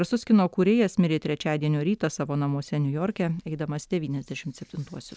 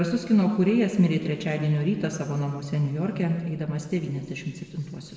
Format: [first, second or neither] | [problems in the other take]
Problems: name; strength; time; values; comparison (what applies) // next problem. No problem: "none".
first | room echo; dies away in 1.7 s